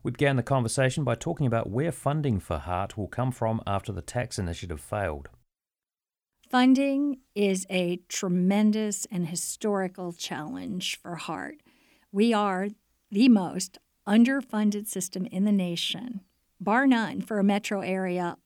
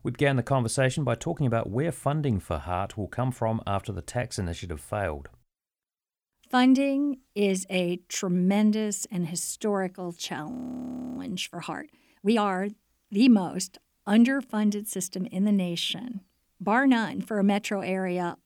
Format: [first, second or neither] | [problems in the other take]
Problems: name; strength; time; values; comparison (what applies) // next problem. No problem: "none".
first | audio freezing; at 11 s for 0.5 s